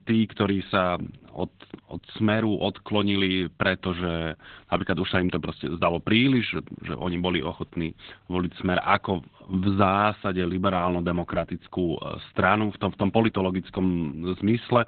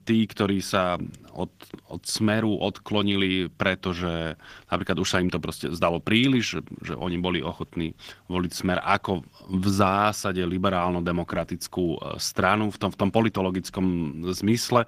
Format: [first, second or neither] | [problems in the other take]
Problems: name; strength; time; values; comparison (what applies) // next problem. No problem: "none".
second | garbled, watery; badly; nothing above 3.5 kHz; slightly in the second